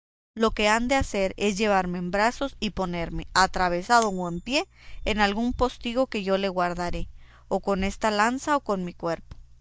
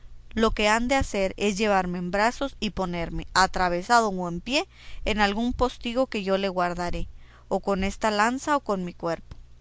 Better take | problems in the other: second | noise reduction (neural mask model DeepFilterNet 3)

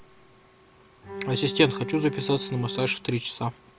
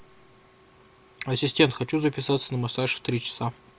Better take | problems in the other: second | background sound (Bowed string instrument); 8 dB below the speech

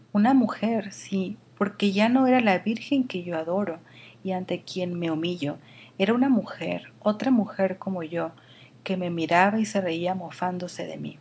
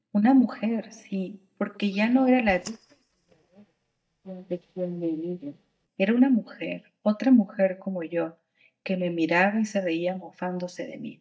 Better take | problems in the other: first | noise reduction (neural mask model DeepFilterNet 3)

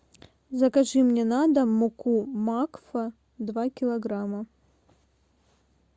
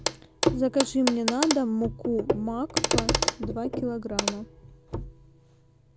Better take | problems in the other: first | background sound (Clock); as loud as the speech

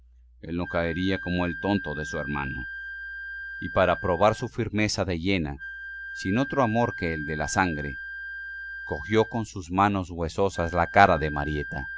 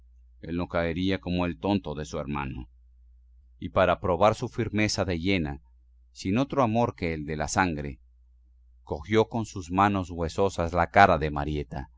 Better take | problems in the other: second | background sound (Wind instrument, woodwind instrument); 11 dB below the speech

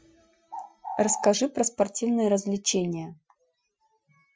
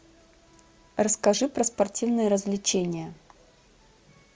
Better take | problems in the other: second | noise reduction (classical method Wiener filter)

